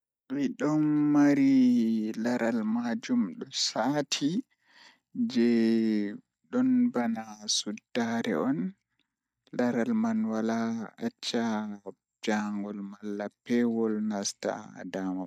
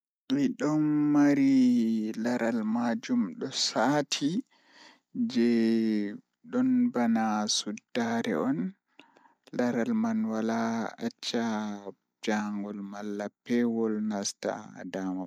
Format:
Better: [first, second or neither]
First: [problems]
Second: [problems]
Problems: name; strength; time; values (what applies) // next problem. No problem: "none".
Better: second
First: noise reduction (neural mask model DeepFilterNet 3)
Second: none